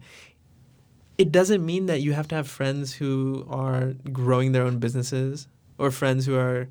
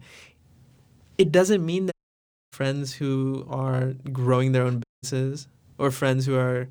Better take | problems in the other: first | audio cutting out; at 2 s for 0.5 s and at 5 s

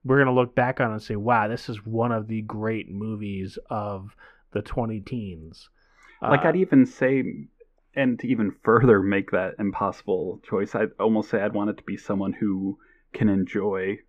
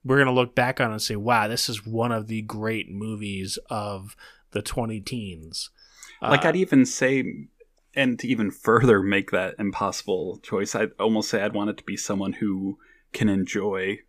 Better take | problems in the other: second | muffled; very; fading above 3.5 kHz

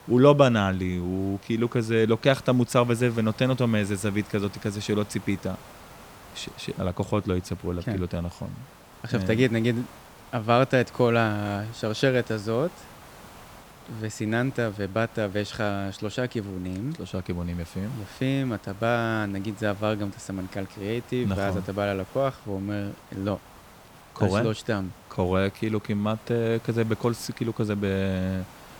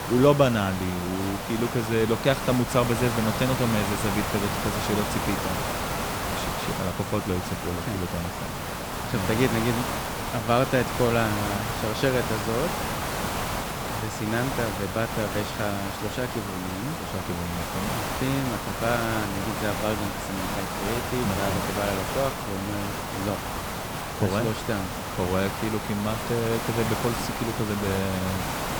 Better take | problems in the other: first | hiss; loud; throughout; 2 dB below the speech; faint in the first

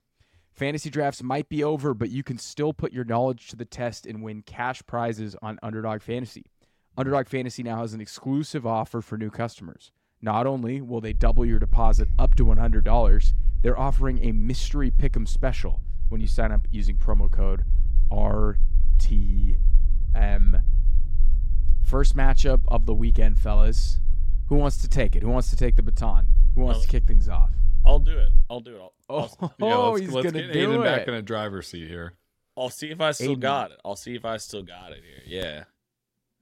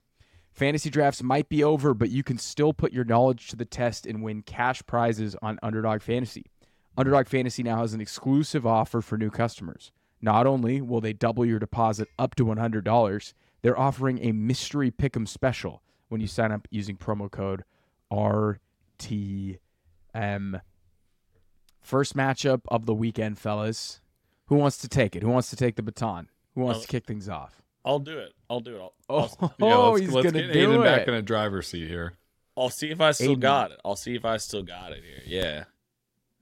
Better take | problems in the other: second | low rumble; faint; from 11 to 28 s; 20 dB below the speech

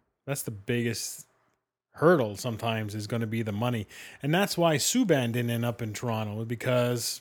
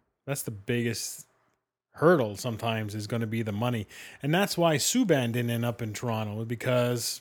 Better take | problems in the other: neither | none

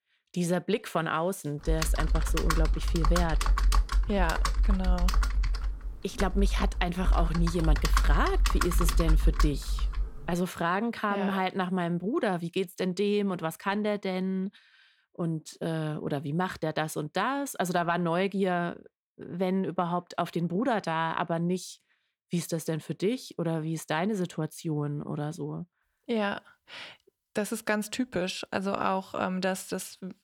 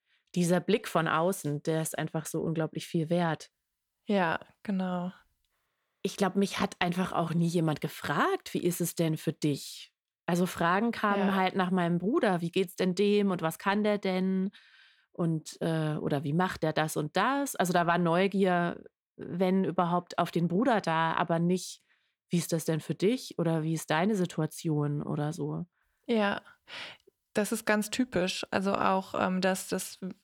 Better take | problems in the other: second | keyboard typing; loud; from 1.5 to 10 s; peak 4 dB above the speech

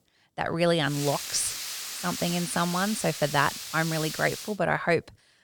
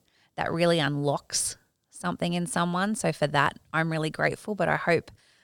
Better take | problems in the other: second | hiss; loud; from 1 to 4.5 s; 6 dB below the speech

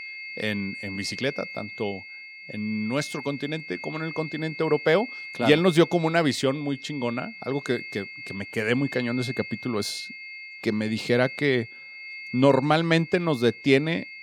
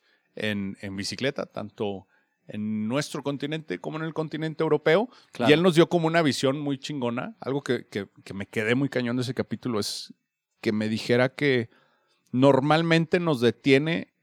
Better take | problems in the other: second | high-pitched whine; noticeable; throughout; 2 kHz, 10 dB below the speech

